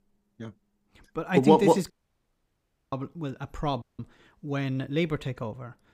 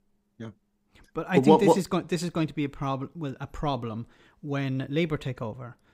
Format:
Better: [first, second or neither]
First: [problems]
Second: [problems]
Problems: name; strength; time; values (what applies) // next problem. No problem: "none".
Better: second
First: audio cutting out; at 2 s for 1 s and at 4 s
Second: none